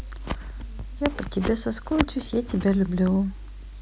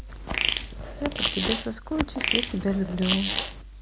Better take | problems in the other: first | background sound (Fart); 1 dB below the speech

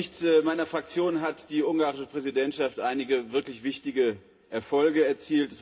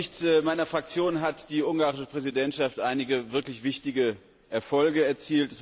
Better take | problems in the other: second | room echo; dies away in 0.3 s

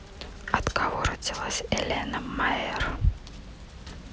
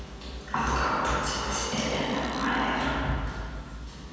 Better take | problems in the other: first | background sound (Burping, eructation); 17 dB below the speech // room echo; dies away in 2.1 s

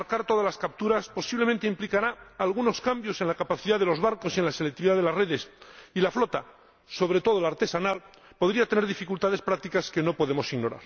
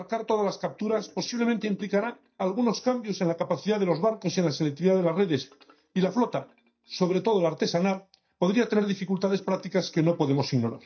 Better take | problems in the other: first | noise reduction (neural mask model DeepFilterNet 3)

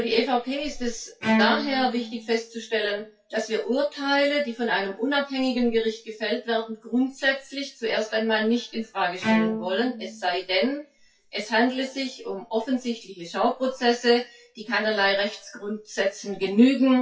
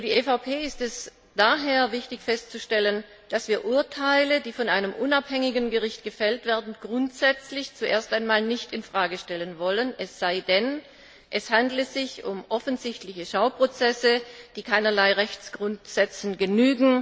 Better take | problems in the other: second | noise reduction (classical method WPE with log-MMSE)

